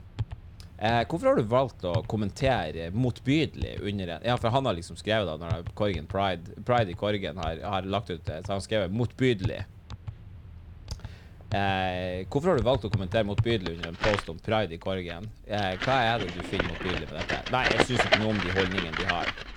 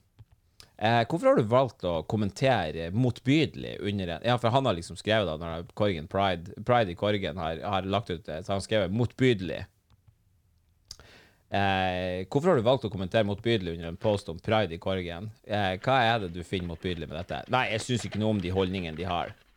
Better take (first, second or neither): second